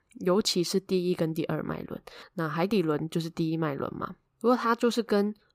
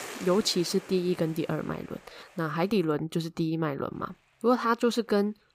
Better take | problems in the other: first | hiss; noticeable; until 2.5 s and from 4 s on; 20 dB below the speech

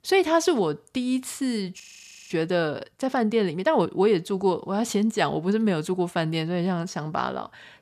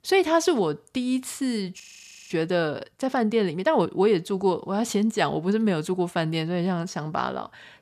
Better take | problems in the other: neither | audio freezing; at 2 s; the same in both

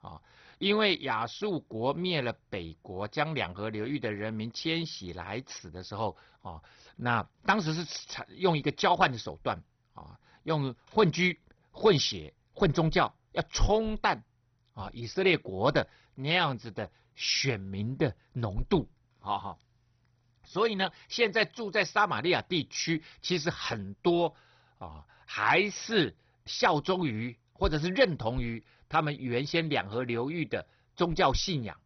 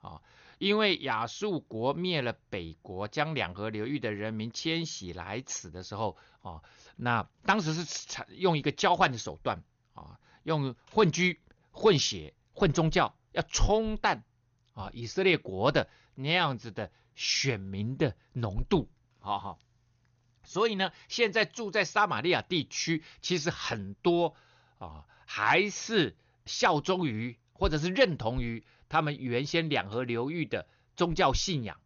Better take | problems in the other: second | garbled, watery; badly; nothing above 6 kHz; slightly in the second

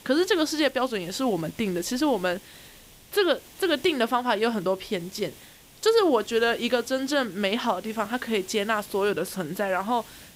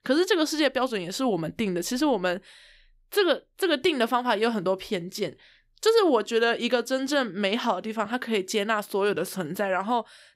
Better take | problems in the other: second | hiss; faint; throughout; 20 dB below the speech

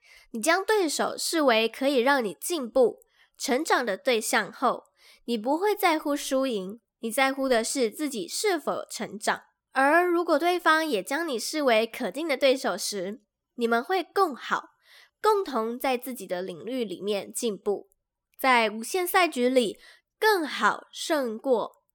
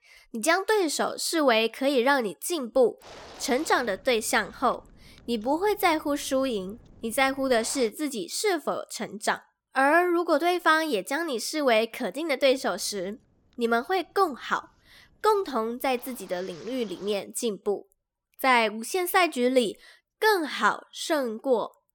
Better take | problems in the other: first | wind noise on the microphone; occasional gusts; from 3 to 8 s and from 12 to 17 s; 25 dB below the speech

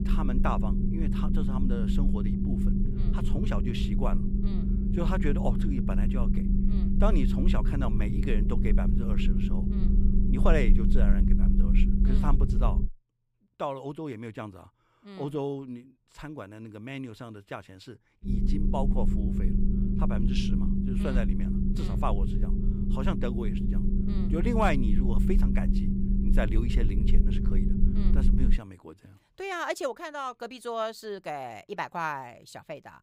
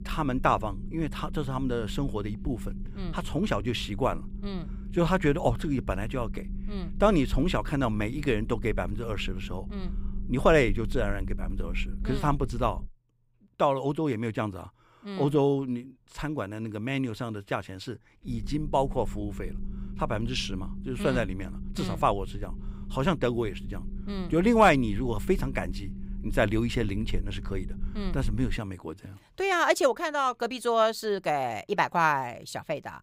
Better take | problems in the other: second | low rumble; loud; until 13 s and from 18 to 29 s; 3 dB below the speech; faint in the second

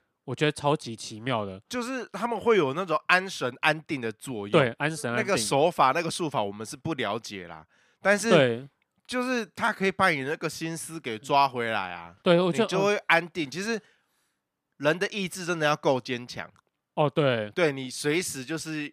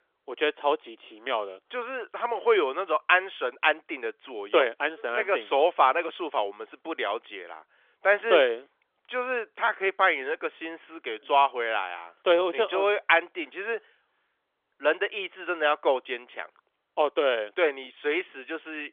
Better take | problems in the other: first | phone-call audio; nothing above 3.5 kHz

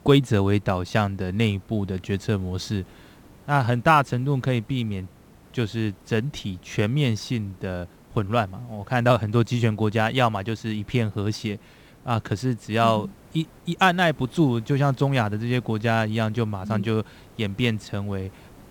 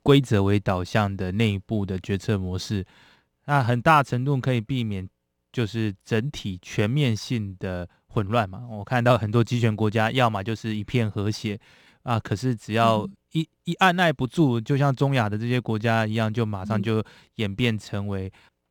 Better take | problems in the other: second | hiss; faint; throughout; 25 dB below the speech

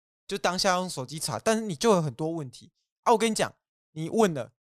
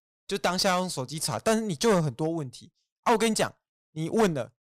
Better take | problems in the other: first | distortion; slight; 4% of the sound clipped

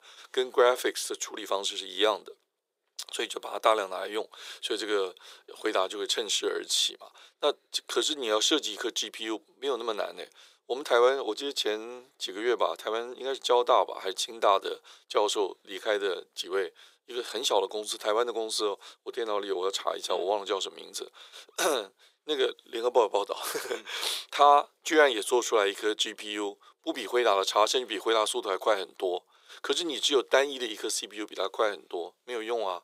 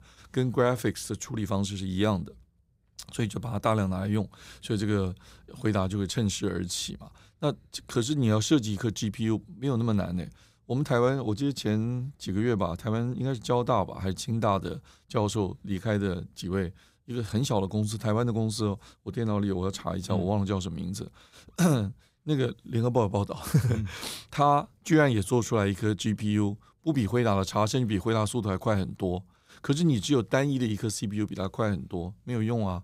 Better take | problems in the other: second | thin; very; fading below 400 Hz

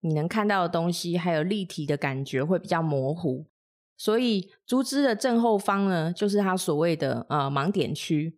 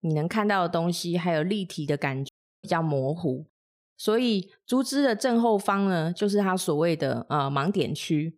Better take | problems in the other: first | audio cutting out; at 2.5 s

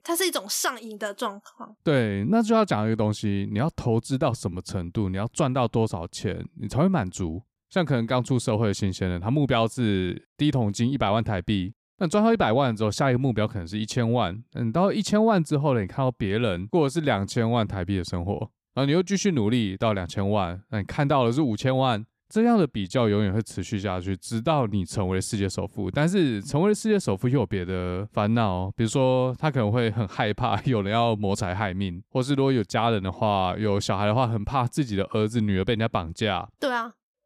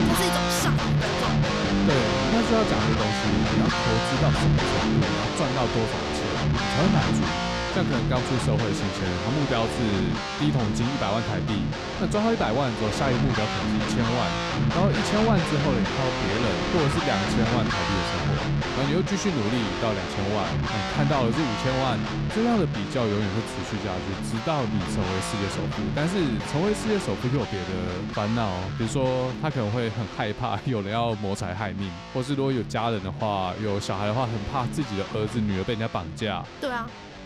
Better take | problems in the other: first | background music; very loud; throughout; 1 dB above the speech

